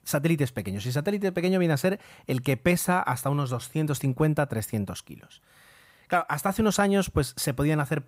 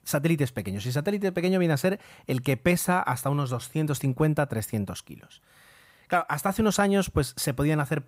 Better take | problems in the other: neither | none

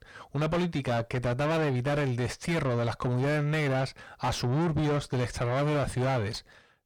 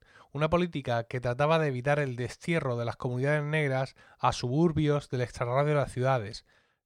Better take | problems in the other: second | distortion; heavy; 5 dB below the speech

